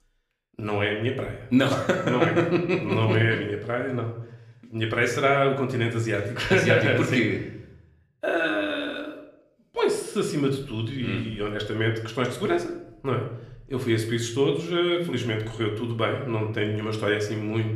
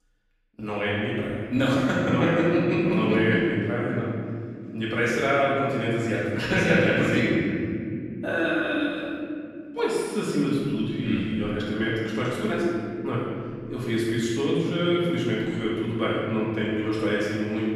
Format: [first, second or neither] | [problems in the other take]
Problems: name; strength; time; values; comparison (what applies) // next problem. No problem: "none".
first | room echo; strong; dies away in 3 s; slight in the first // off-mic speech; far; somewhat distant in the first